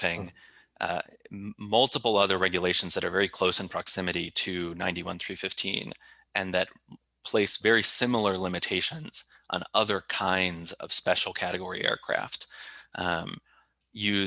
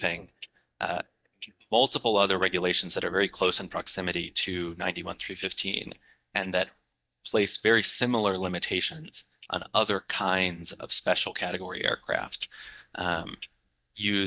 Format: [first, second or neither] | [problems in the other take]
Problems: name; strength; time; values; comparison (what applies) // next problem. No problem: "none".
first | noise reduction (neural mask model DeepFilterNet 3)